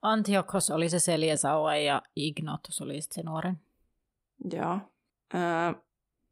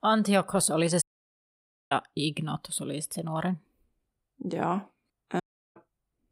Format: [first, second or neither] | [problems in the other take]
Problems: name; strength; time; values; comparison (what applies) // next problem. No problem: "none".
first | audio cutting out; at 1 s for 1 s and at 5.5 s